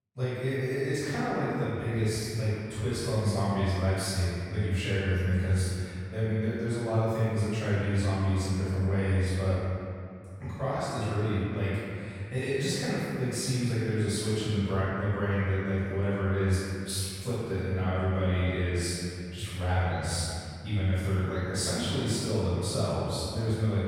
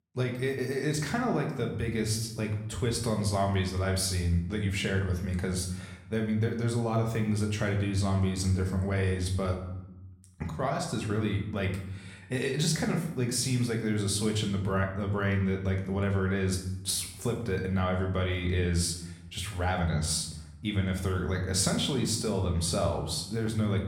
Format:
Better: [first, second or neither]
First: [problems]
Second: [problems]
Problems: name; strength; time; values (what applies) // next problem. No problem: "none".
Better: second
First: room echo; strong; dies away in 2.3 s // off-mic speech; far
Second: room echo; slight; dies away in 0.8 s // off-mic speech; somewhat distant